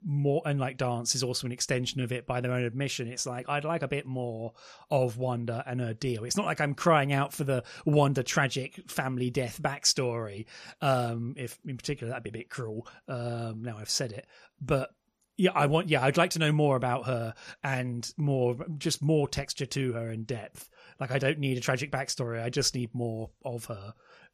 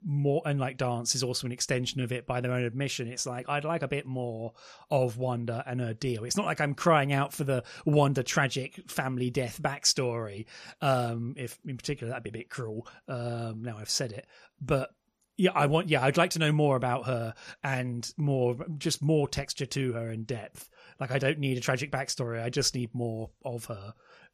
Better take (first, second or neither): neither